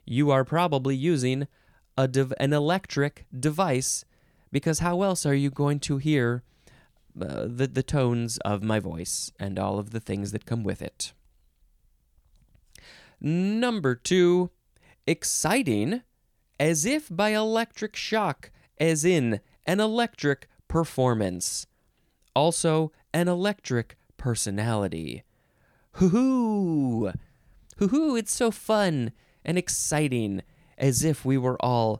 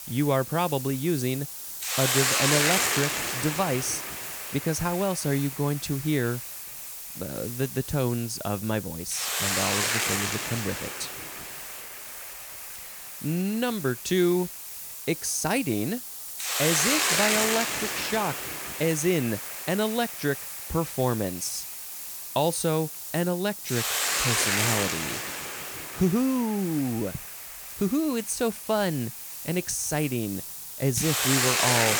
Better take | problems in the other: first | hiss; loud; throughout; 1 dB below the speech

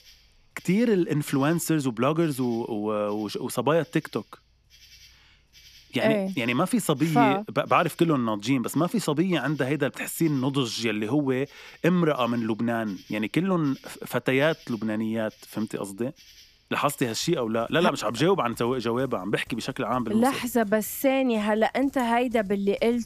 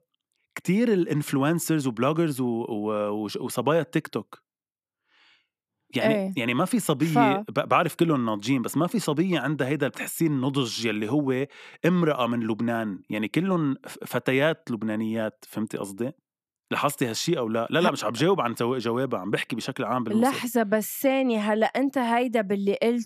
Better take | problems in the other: second | animal sounds; faint; throughout; 30 dB below the speech

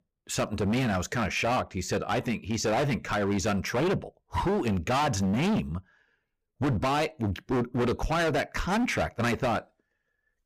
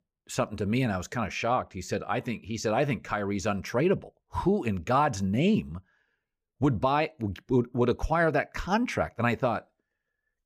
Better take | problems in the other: second | distortion; heavy; 20% of the sound clipped

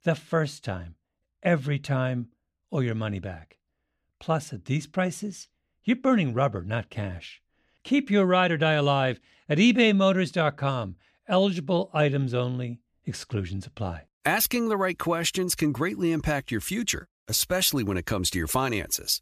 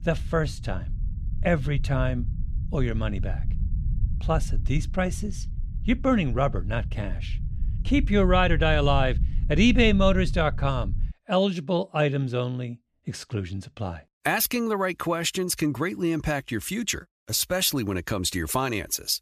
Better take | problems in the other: first | low rumble; faint; until 11 s; 20 dB below the speech

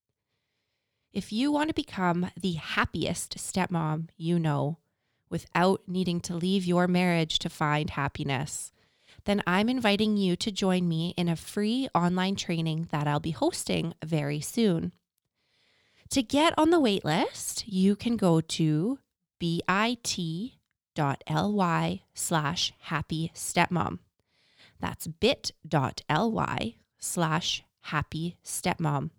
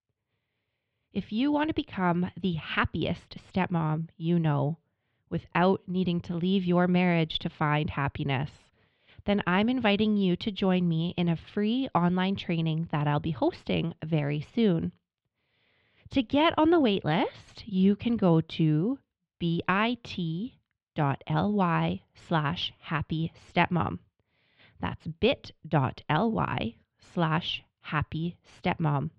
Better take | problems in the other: first | muffled; very; fading above 3 kHz

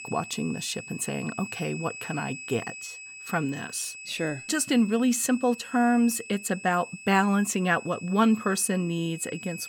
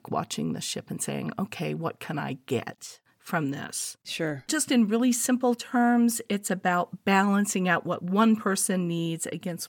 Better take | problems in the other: second | high-pitched whine; noticeable; throughout; 2.5 kHz, 15 dB below the speech

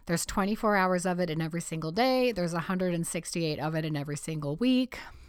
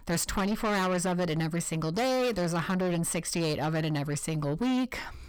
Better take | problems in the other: first | distortion; heavy; 8 dB below the speech

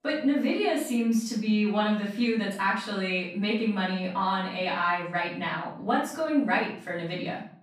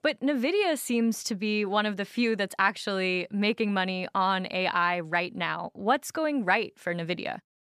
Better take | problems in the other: second | off-mic speech; far // room echo; noticeable; dies away in 0.5 s

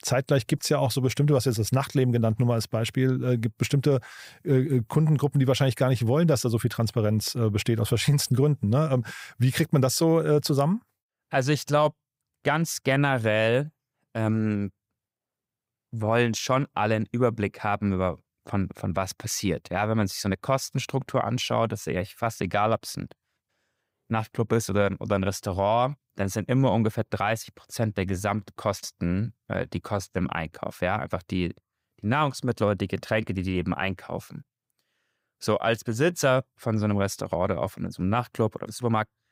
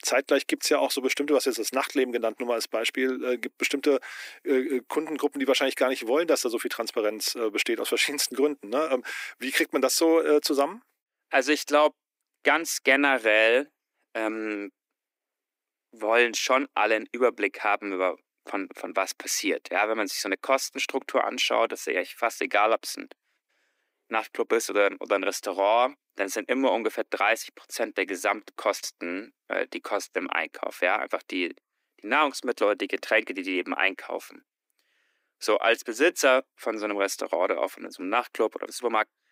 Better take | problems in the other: first | thin; somewhat; fading below 300 Hz

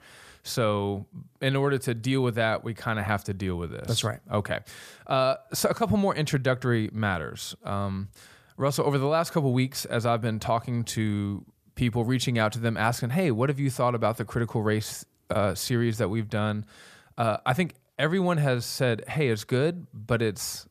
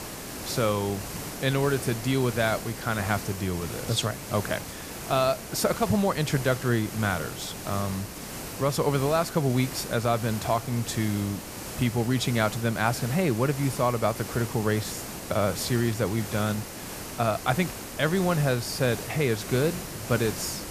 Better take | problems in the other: first | hiss; loud; throughout; 9 dB below the speech

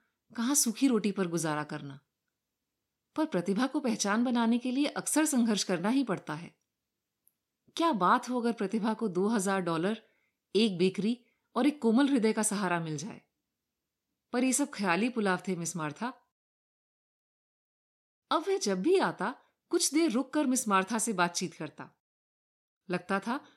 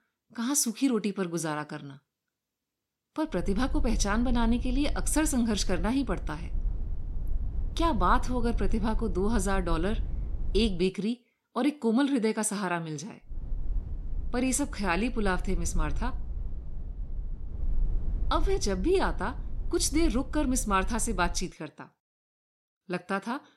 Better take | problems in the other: first | low rumble; faint; from 3.5 to 11 s and from 13 to 21 s; 25 dB below the speech

